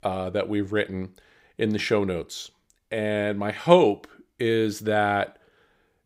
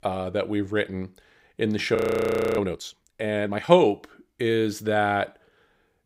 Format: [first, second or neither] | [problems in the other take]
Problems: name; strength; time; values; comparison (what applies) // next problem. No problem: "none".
first | audio freezing; at 2 s for 0.5 s